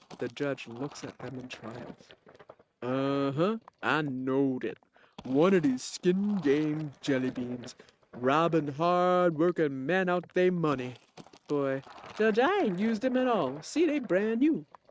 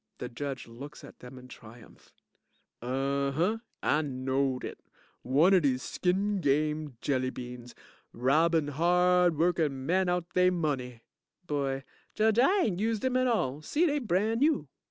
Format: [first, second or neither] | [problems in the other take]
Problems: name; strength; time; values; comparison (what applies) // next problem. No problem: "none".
second | noise reduction (neural mask model RNNoise)